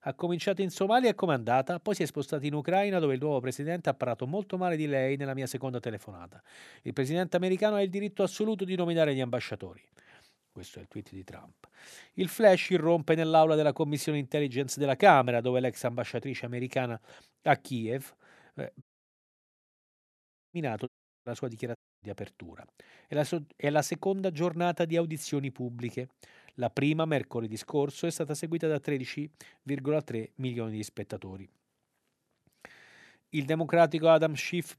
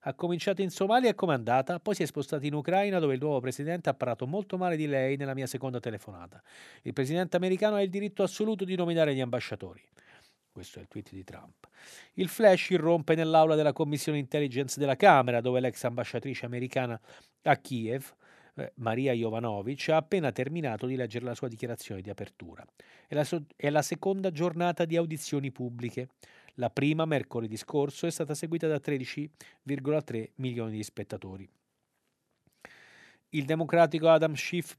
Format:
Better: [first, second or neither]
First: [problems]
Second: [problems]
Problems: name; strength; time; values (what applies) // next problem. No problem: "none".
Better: second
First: audio cutting out; at 19 s for 1.5 s, at 21 s and at 22 s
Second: none